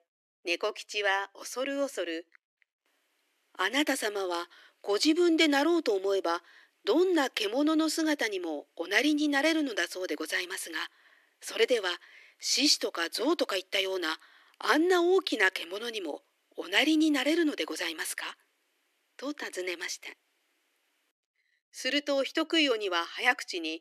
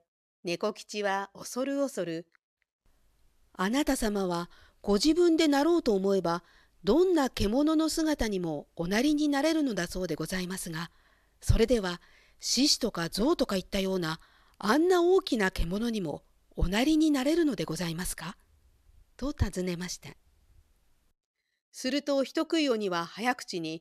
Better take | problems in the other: second | thin; very slightly; fading below 300 Hz

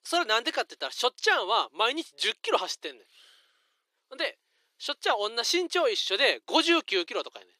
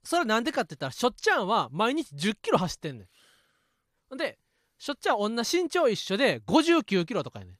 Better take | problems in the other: second | thin; very; fading below 350 Hz

